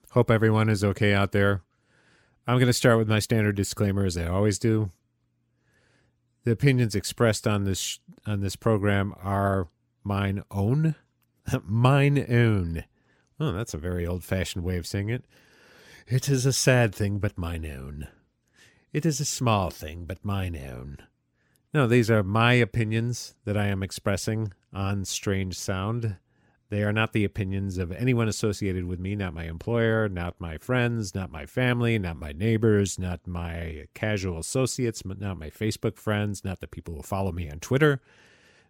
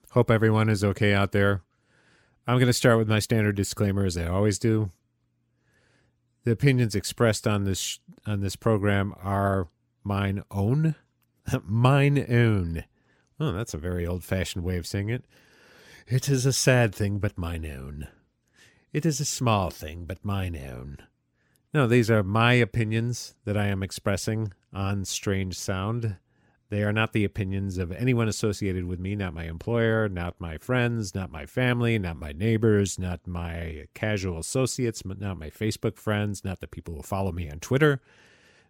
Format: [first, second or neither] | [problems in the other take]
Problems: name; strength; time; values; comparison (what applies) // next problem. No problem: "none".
neither | none